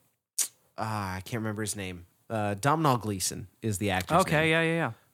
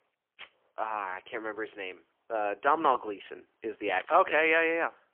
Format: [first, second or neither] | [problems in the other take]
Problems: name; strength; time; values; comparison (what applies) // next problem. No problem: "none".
first | phone-call audio; poor line